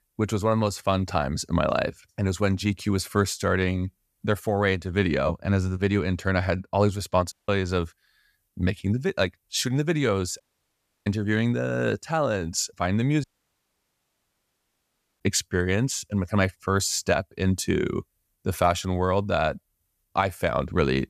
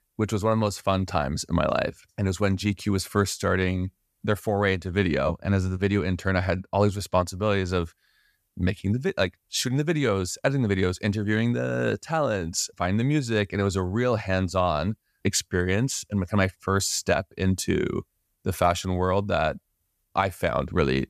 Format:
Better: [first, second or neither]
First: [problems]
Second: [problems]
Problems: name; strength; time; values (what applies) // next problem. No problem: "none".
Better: second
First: audio cutting out; at 7.5 s, at 10 s for 0.5 s and at 13 s for 2 s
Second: none